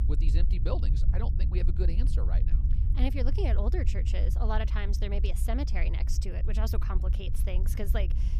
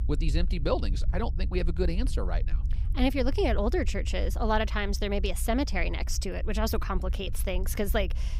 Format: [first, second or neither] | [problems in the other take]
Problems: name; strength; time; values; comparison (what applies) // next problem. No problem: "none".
second | low rumble; loud; throughout; 9 dB below the speech; faint in the second